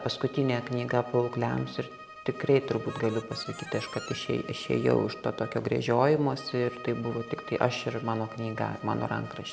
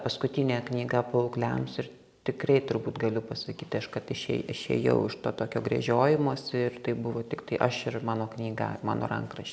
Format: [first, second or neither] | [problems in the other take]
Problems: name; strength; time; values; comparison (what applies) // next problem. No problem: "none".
second | background sound (Harmonica + Bowed string instrument); 16 dB below the speech